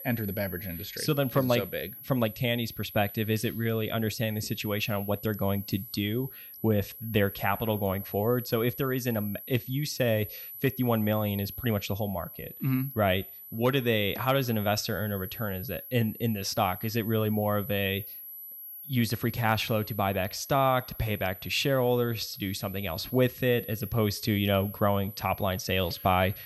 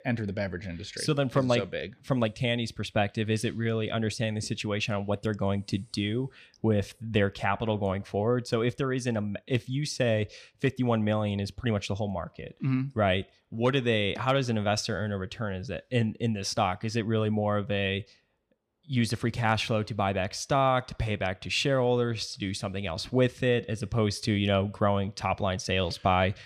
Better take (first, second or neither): second